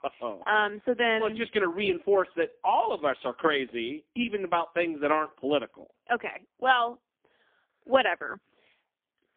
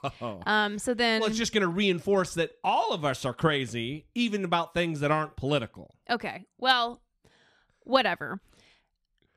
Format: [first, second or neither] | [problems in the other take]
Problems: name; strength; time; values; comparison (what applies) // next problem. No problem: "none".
second | phone-call audio; poor line; nothing above 3.5 kHz